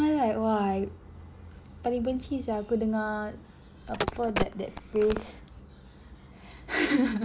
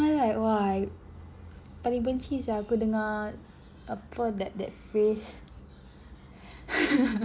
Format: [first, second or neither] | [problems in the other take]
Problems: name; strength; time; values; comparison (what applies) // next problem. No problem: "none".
second | background sound (Telephone); 4 dB below the speech